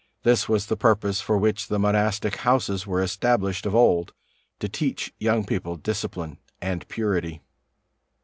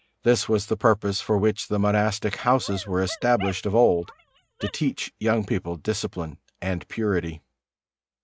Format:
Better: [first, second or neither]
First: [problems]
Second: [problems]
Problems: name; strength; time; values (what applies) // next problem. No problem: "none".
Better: first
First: none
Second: noise reduction (neural mask model RNNoise)